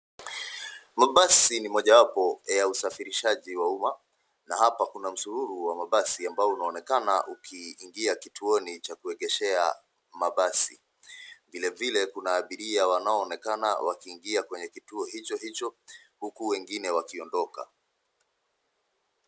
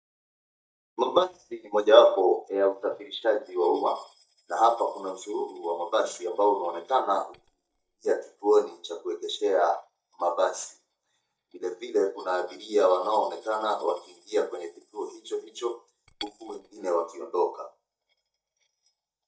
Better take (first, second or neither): first